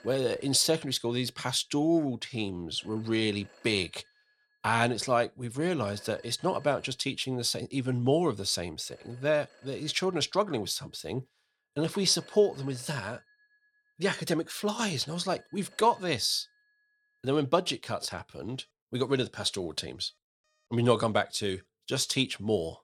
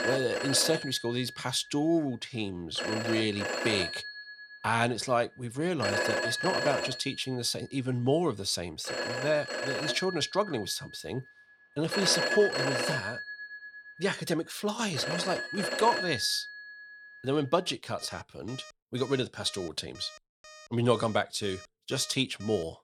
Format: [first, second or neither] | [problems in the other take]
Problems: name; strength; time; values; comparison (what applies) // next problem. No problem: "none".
first | alarms or sirens; loud; throughout; 3 dB below the speech; faint in the first